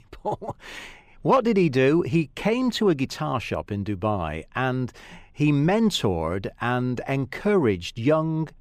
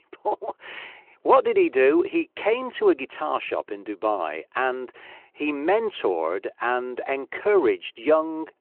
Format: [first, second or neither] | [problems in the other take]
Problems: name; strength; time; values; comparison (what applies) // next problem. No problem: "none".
first | phone-call audio